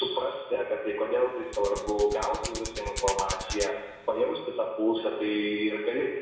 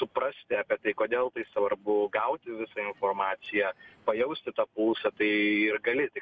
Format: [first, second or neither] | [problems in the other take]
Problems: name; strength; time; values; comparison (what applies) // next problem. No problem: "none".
second | background sound (Hands); 9 dB below the speech // room echo; dies away in 1 s